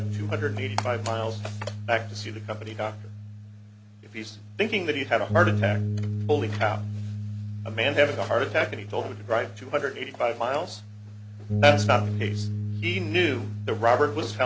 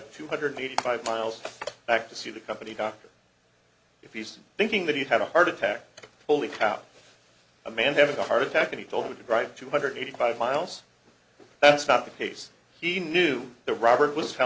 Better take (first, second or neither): second